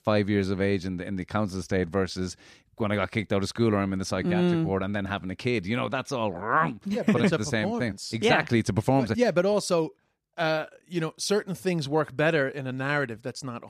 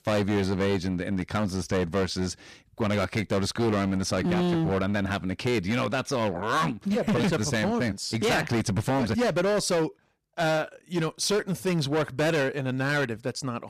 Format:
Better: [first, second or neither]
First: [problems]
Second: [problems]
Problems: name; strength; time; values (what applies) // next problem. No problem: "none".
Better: first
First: none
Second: distortion; heavy; 17% of the sound clipped